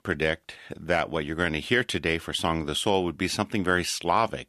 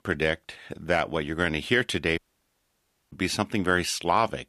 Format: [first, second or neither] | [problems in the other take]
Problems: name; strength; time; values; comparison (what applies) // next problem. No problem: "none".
first | audio cutting out; at 2 s for 1 s